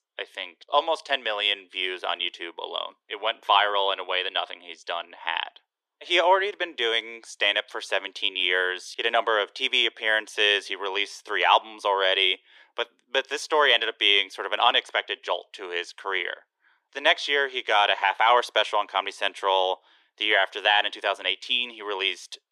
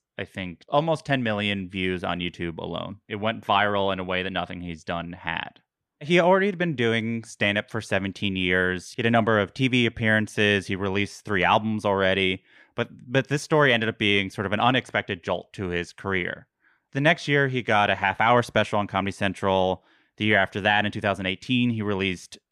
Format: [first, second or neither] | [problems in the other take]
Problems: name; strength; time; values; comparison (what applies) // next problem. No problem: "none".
second | thin; very; fading below 350 Hz